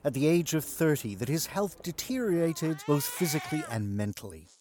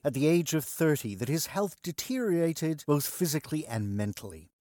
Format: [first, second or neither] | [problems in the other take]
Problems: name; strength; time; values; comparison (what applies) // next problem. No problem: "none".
second | animal sounds; noticeable; throughout; 15 dB below the speech